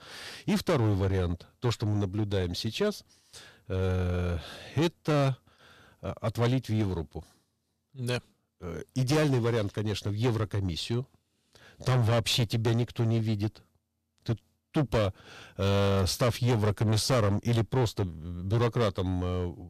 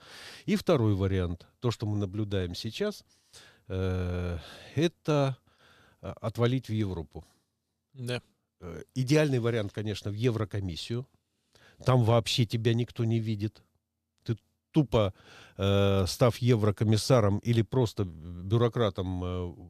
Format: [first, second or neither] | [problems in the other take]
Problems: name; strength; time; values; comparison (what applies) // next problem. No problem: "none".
second | distortion; heavy; 10% of the sound clipped